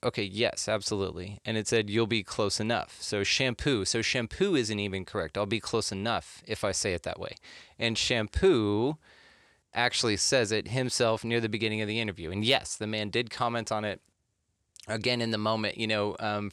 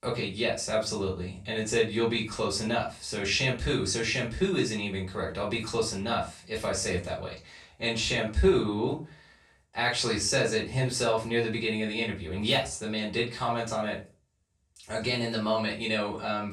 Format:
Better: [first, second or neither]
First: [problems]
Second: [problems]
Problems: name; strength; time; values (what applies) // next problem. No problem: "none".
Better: first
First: none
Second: off-mic speech; far // room echo; slight; dies away in 0.3 s